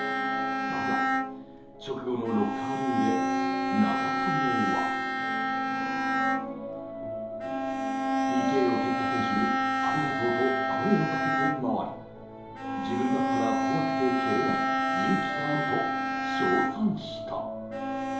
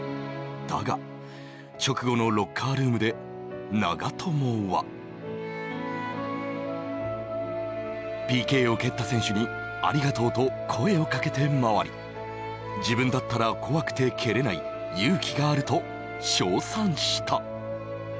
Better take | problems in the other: second | background sound (Bowed string instrument); 2 dB above the speech // room echo; dies away in 2.8 s

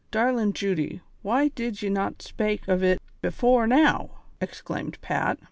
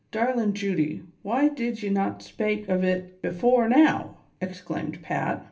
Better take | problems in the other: first | room echo; dies away in 0.3 s

